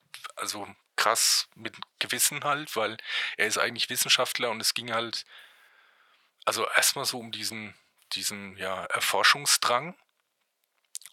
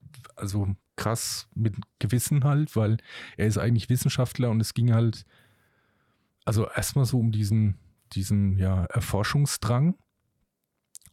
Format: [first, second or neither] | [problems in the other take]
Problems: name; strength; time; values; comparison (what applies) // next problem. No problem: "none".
second | thin; very; fading below 750 Hz